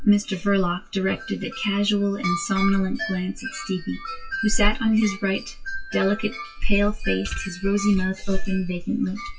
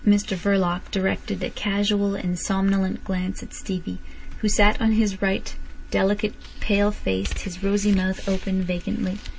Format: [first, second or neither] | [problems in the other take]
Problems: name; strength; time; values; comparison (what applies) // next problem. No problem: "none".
second | noise reduction (classical method WPE with log-MMSE)